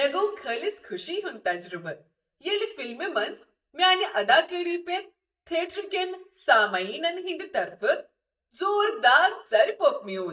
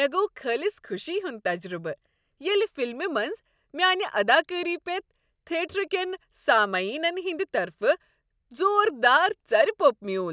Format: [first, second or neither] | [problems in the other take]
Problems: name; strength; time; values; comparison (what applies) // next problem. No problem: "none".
second | noise reduction (neural mask model DeepFilterNet 3)